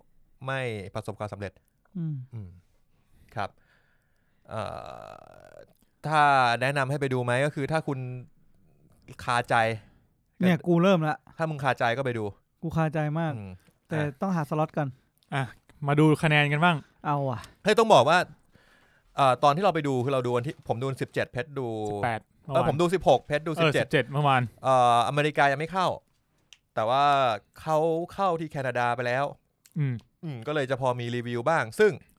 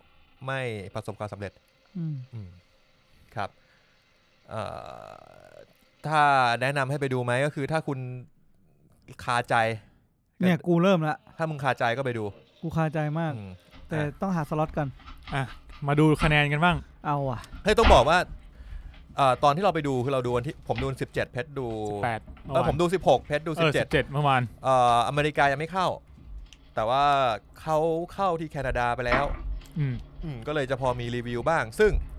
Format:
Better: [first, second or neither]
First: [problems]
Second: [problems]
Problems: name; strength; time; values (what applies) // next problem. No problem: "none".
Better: first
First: none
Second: household noises; noticeable; throughout; 10 dB below the speech